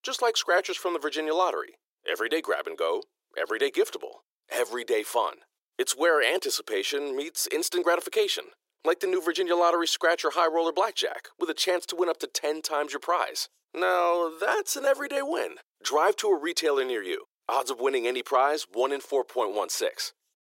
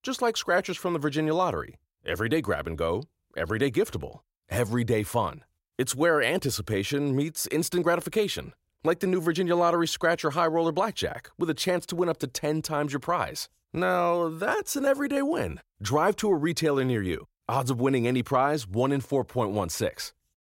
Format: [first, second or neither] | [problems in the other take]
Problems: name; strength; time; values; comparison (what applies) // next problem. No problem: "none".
second | thin; very; fading below 350 Hz